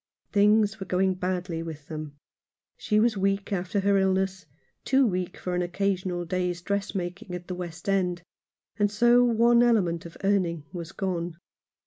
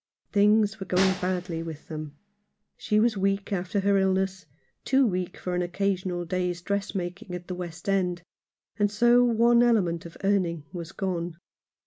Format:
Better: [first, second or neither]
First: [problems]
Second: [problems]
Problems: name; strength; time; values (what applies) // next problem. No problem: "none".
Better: first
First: none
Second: background sound (Snare drum); 13 dB below the speech